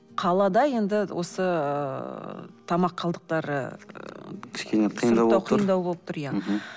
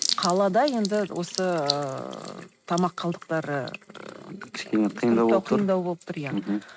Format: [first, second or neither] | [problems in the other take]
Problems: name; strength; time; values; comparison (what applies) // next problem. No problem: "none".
first | noise reduction (neural mask model RNNoise)